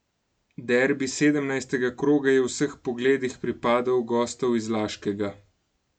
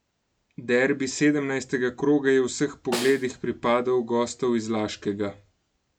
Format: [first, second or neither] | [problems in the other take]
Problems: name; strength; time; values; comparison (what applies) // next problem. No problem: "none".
first | background sound (Snare drum); 10 dB below the speech